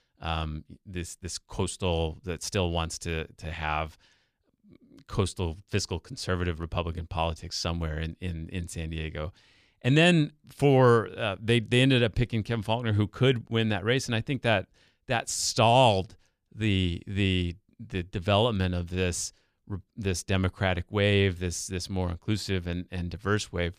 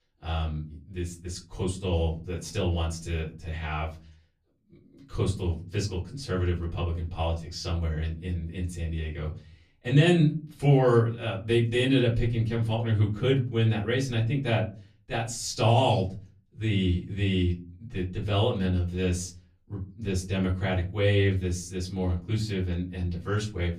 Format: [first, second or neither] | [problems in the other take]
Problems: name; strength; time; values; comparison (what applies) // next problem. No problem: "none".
first | off-mic speech; far // room echo; very slight; dies away in 0.4 s